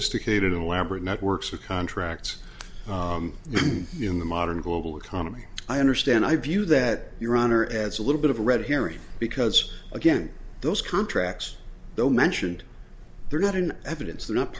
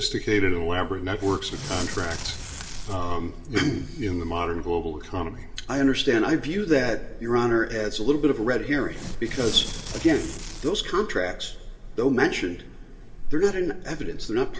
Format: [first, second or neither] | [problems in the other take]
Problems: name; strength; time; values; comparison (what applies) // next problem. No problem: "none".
first | background sound (Tearing); 11 dB below the speech // room echo; dies away in 1.4 s